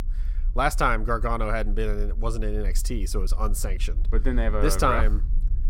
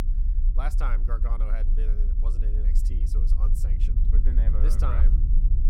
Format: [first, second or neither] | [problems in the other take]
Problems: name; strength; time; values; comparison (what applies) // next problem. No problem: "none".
first | low rumble; loud; throughout; 6 dB below the speech; faint in the first